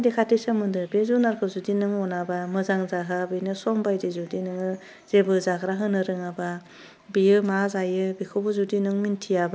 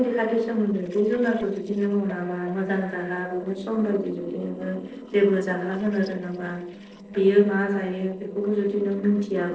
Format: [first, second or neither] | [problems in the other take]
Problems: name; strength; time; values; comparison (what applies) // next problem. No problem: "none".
first | noise reduction (neural separator model SepFormer DNS4)